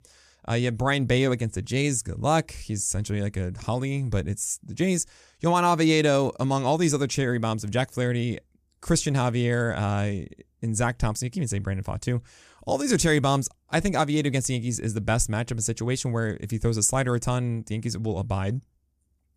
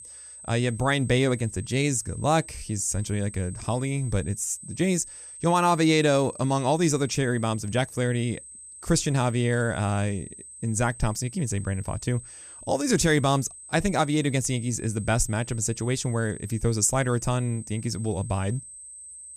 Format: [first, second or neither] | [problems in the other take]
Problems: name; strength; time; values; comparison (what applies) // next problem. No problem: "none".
first | high-pitched whine; noticeable; throughout; 8.5 kHz, 15 dB below the speech